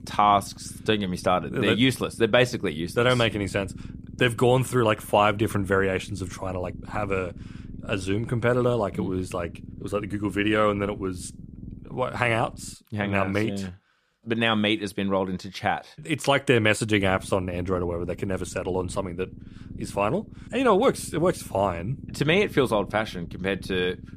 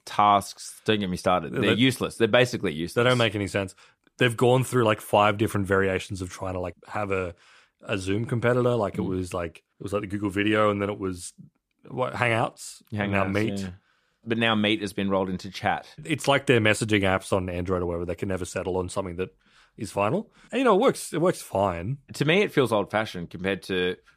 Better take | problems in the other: second | low rumble; faint; until 13 s and from 17 s on; 25 dB below the speech

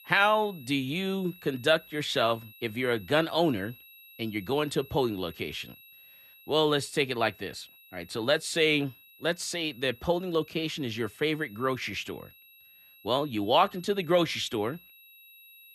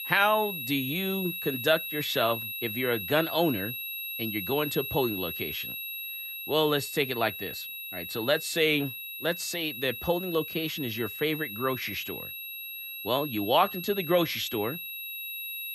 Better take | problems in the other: first | high-pitched whine; loud; throughout; 11.5 kHz, 6 dB below the speech; faint in the first

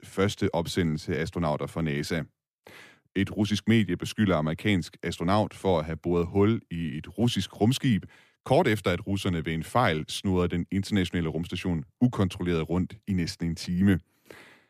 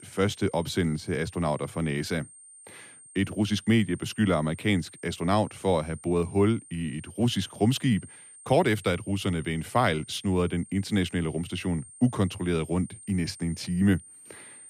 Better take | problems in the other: first | high-pitched whine; noticeable; throughout; 9 kHz, 20 dB below the speech

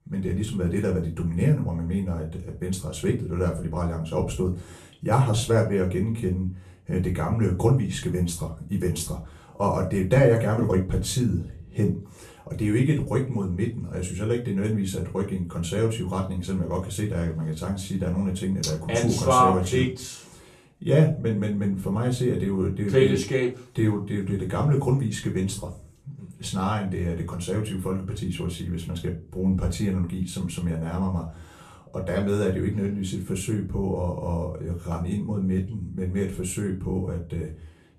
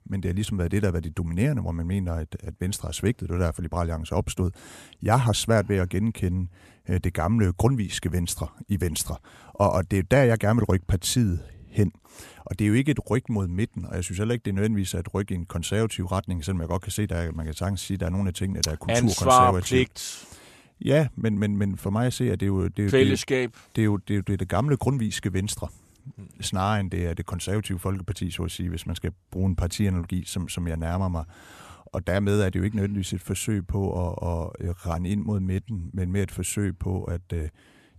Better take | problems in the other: second | off-mic speech; far // room echo; slight; dies away in 0.3 s

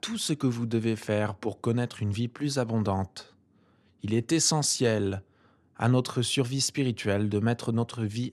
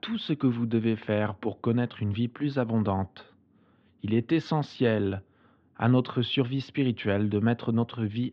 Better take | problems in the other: first | muffled; very; fading above 3.5 kHz

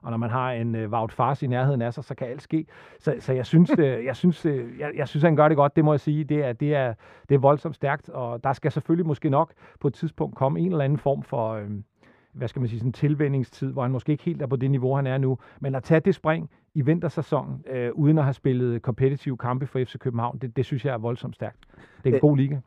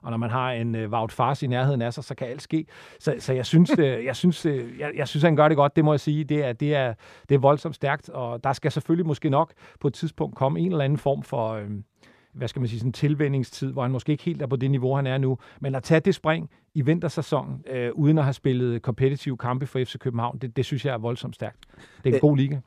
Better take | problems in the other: second | muffled; slightly; fading above 3 kHz

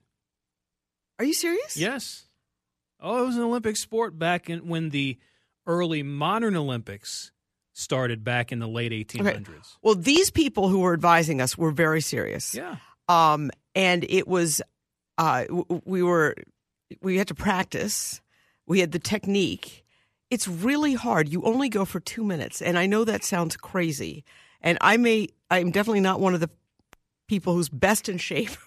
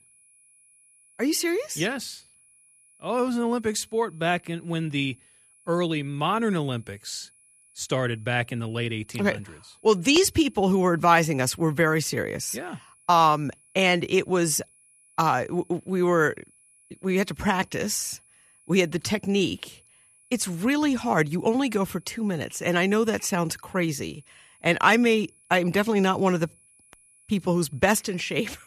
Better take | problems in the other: first | high-pitched whine; faint; throughout; 10.5 kHz, 30 dB below the speech

